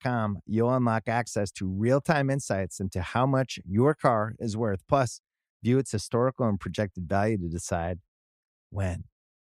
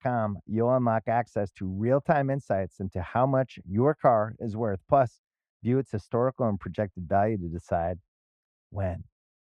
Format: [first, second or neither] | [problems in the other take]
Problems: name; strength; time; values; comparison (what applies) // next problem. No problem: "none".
first | muffled; very; fading above 3.5 kHz